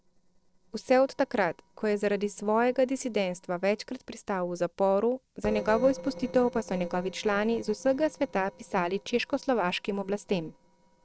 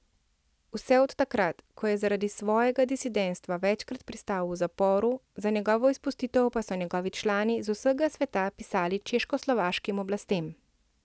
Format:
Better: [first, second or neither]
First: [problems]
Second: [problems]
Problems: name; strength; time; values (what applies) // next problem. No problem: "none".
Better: second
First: noise reduction (neural separator model SepFormer DNS4)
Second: none